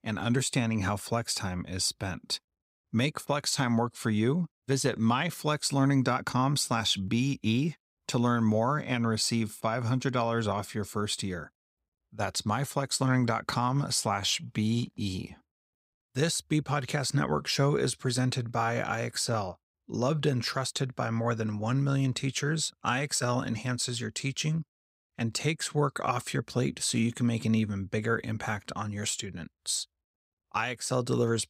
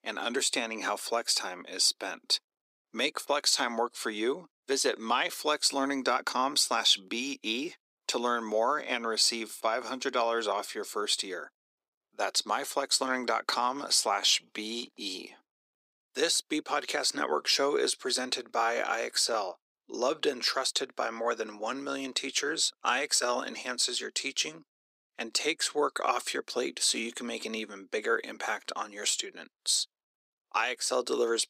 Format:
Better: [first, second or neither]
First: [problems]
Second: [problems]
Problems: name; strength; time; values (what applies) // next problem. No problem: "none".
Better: first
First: none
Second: thin; somewhat; fading below 300 Hz